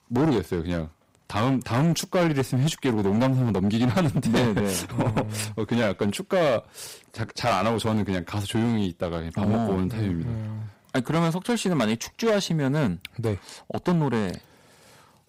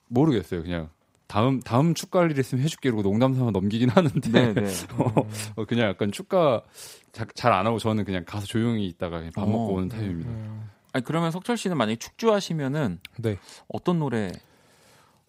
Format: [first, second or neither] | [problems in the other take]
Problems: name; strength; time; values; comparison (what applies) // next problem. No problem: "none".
second | distortion; heavy; 10% of the sound clipped